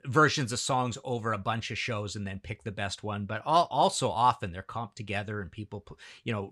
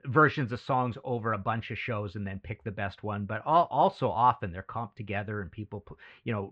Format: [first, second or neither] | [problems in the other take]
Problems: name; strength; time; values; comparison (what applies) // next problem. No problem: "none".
first | muffled; very; fading above 2.5 kHz